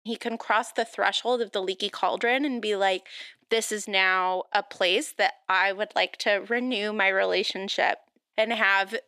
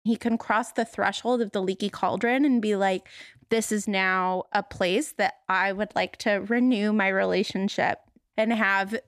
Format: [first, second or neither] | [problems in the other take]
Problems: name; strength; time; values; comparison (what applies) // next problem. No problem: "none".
second | thin; somewhat; fading below 450 Hz